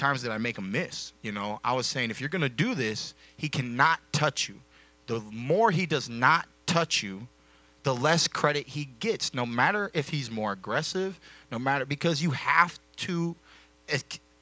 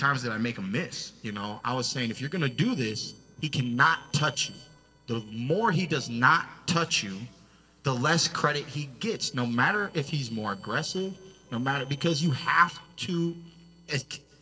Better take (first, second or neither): first